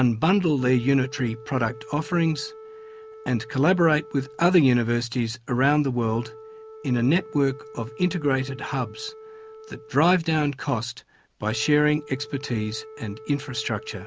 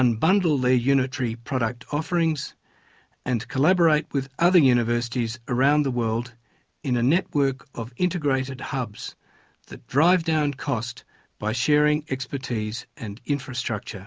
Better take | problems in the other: second | background sound (Wind instrument, woodwind instrument); 19 dB below the speech

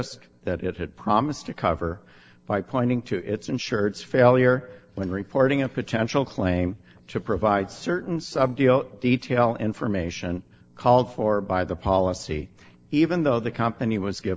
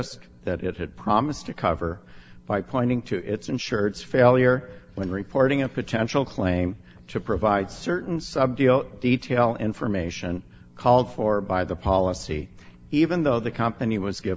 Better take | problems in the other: second | noise reduction (neural separator model SepFormer DNS4)

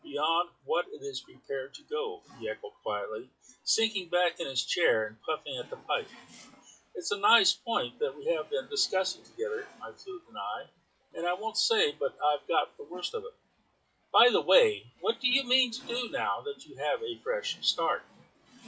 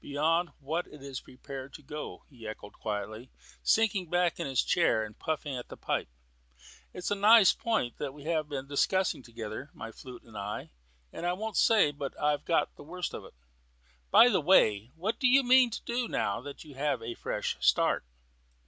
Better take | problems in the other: second | noise reduction (classical method WPE with log-MMSE)

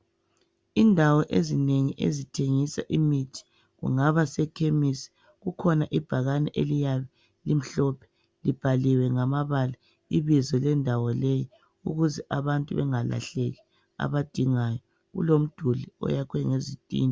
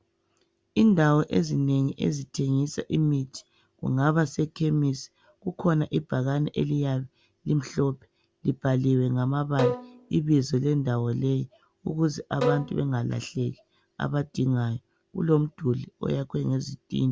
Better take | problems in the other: first | background sound (Bowed string instrument); 7 dB below the speech

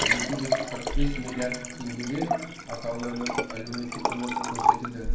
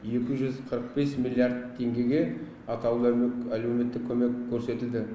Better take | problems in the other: second | background sound (Liquid); 5 dB above the speech // room echo; dies away in 0.9 s

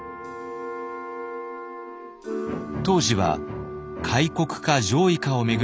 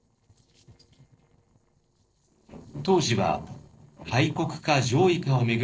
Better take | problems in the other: first | noise reduction (neural separator model SepFormer DNS4)

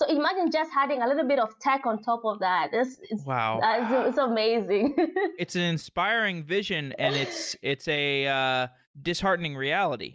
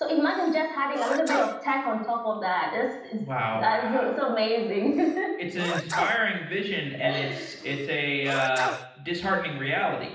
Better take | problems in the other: first | background sound (Sneeze); 9 dB below the speech // room echo; dies away in 0.9 s

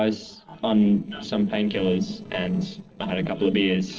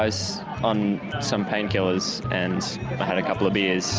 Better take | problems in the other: second | noise reduction (neural separator model SepFormer DNS4)

